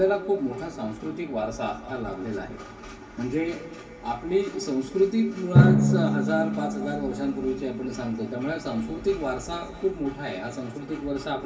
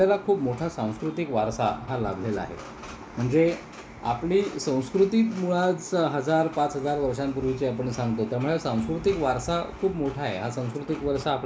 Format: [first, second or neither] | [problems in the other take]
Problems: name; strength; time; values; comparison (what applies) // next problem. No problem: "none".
second | background sound (Drum); 1 dB below the speech // room echo; dies away in 2.4 s